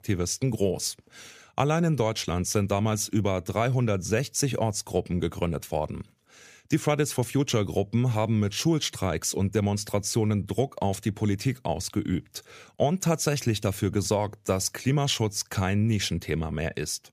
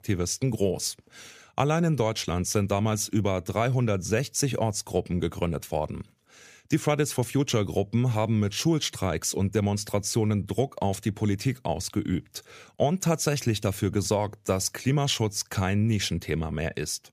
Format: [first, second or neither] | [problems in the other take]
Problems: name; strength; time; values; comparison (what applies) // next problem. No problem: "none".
neither | none